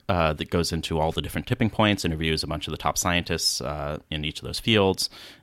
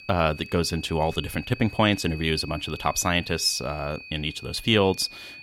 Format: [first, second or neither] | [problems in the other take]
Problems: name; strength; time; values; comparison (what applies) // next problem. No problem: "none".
first | high-pitched whine; noticeable; throughout; 2.5 kHz, 15 dB below the speech